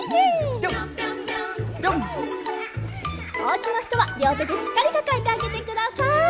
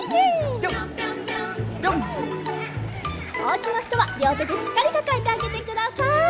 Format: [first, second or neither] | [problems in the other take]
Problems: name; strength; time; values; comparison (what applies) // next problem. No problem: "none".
first | background sound (Fixed-wing aircraft, airplane); 16 dB below the speech